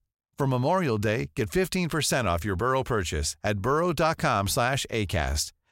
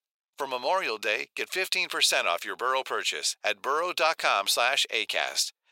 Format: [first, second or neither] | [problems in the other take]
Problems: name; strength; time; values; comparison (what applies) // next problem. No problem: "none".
first | thin; very; fading below 500 Hz